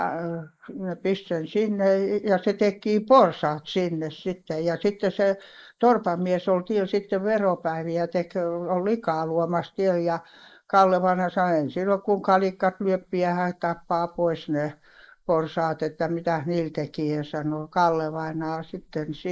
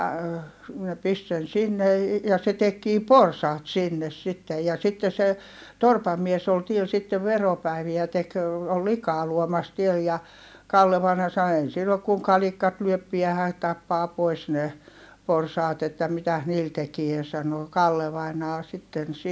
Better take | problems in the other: second | noise reduction (neural mask model Resemble Enhance denoiser)

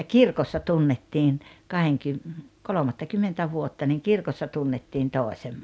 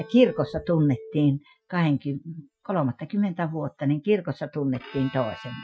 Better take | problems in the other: first | noise reduction (classical method Wiener filter)

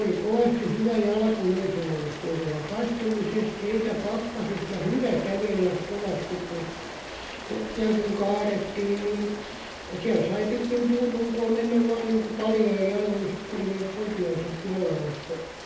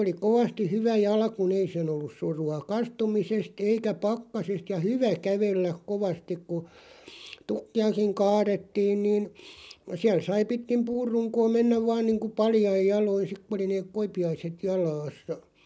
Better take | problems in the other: second | background sound (Rain); 12 dB below the speech // room echo; dies away in 0.9 s

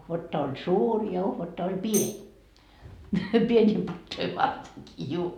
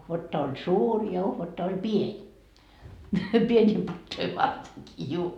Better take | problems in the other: second | background sound (Tambourine); 12 dB below the speech

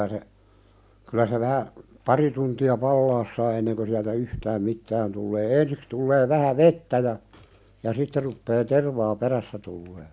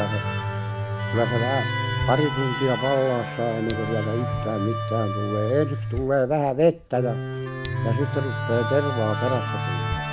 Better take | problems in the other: first | background sound (Musical instrument + Domestic sounds, home sounds); 2 dB below the speech

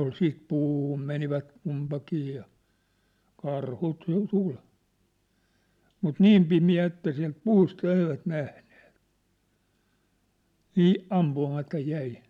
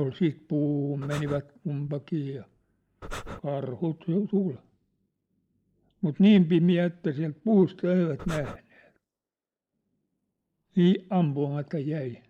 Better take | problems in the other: first | noise reduction (neural mask model Resemble Enhance denoiser)

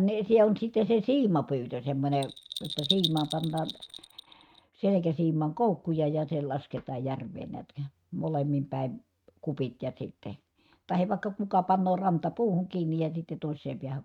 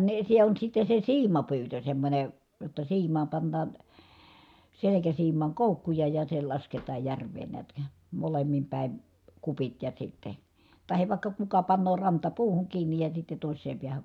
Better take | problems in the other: second | noise reduction (neural mask model RNNoise)

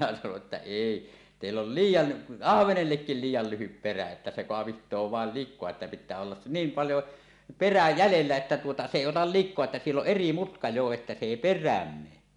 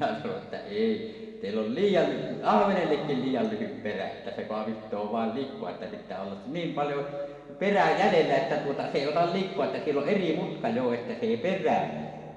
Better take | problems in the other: first | room echo; dies away in 1.9 s

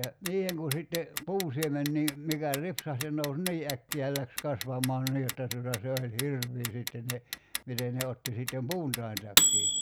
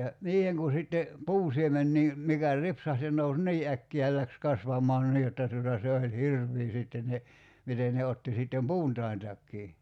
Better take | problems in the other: second | background sound (Clock); 1 dB below the speech

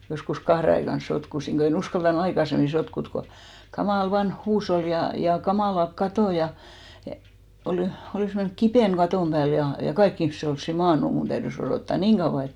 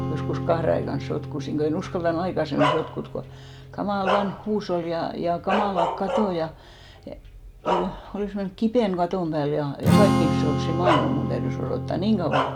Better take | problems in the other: first | background sound (Bark + Strum); 1 dB below the speech

